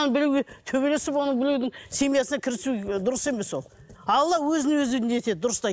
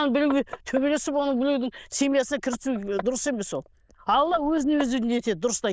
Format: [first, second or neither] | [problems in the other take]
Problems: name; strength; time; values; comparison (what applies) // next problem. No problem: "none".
first | noise reduction (neural diffusion model UNIVERSE++)